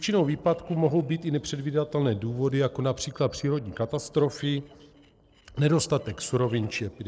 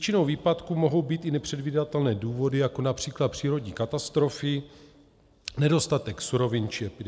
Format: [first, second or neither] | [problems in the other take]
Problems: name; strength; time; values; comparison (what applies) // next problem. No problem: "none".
second | noise reduction (neural separator model SepFormer DNS4)